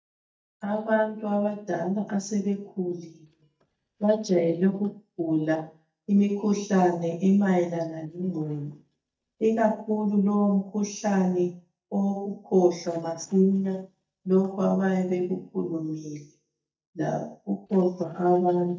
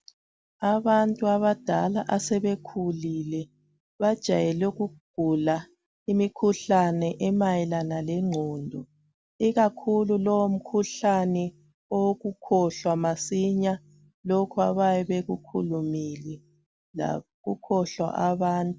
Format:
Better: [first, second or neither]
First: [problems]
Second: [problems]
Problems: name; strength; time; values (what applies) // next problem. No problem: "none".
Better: second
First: noise reduction (neural mask model DeepFilterNet 3)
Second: none